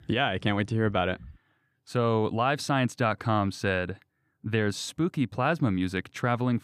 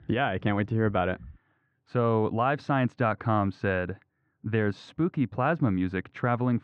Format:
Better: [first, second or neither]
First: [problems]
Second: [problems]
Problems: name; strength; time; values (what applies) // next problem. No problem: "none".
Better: first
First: none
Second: muffled; very; fading above 2 kHz